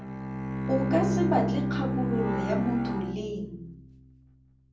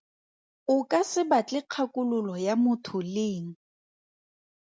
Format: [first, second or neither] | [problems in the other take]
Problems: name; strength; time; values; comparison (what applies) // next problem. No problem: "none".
second | background sound (Bowed string instrument); 1 dB above the speech // room echo; dies away in 0.6 s